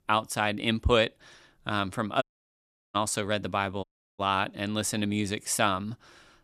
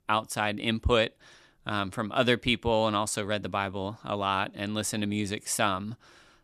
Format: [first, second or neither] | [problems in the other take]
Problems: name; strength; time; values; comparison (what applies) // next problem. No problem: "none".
second | audio cutting out; at 2 s for 0.5 s and at 4 s